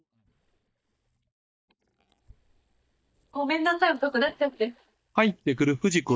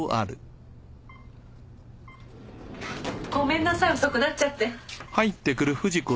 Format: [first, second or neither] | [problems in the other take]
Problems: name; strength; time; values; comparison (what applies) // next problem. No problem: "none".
second | noise reduction (neural mask model DeepFilterNet 3)